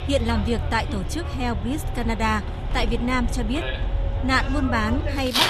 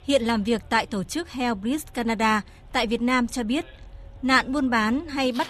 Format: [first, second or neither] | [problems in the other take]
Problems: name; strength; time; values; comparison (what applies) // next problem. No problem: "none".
second | traffic noise; loud; throughout; 2 dB below the speech; faint in the second